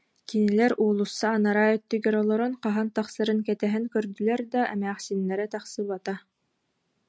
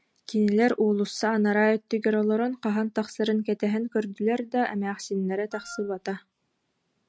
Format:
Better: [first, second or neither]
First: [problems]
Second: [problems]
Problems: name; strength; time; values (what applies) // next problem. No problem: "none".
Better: first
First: none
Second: background sound (Wind instrument, woodwind instrument); 19 dB below the speech